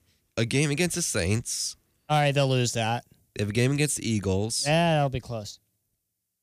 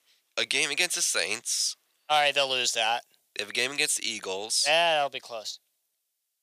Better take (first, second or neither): first